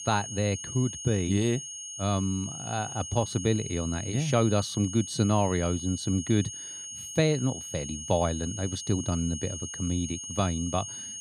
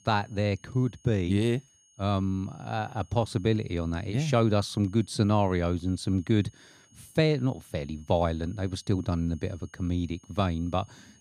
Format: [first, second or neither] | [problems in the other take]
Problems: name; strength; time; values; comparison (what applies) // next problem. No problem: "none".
second | high-pitched whine; loud; throughout; 6.5 kHz, 8 dB below the speech; faint in the second